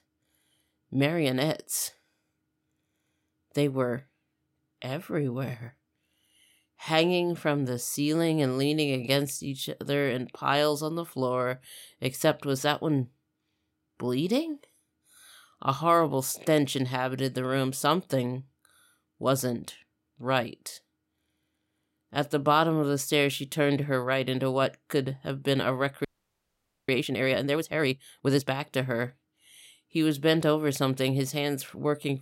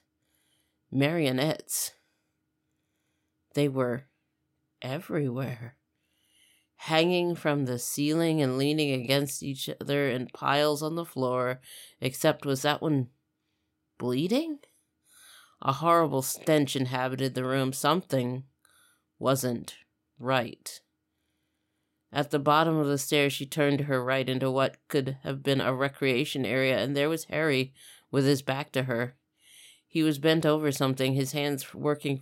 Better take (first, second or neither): second